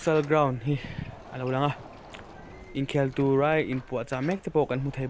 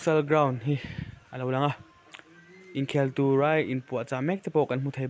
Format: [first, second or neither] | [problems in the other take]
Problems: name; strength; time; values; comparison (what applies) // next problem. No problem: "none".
second | background sound (Door); 19 dB below the speech